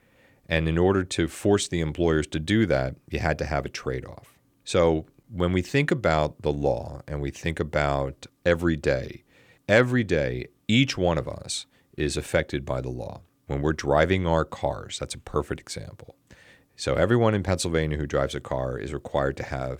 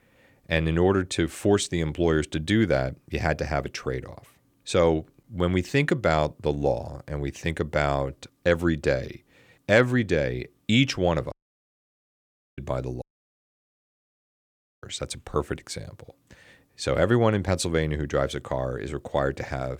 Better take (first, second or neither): first